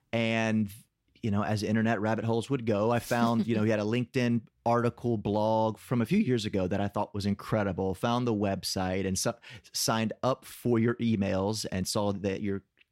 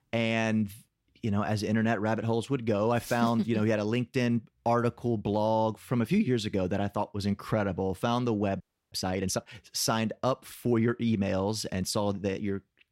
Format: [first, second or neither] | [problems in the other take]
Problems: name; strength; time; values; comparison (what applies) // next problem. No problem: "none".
first | audio freezing; at 8.5 s